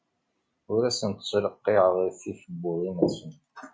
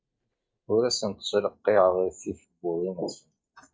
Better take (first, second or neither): first